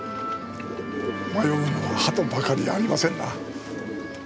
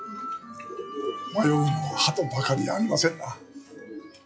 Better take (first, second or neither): first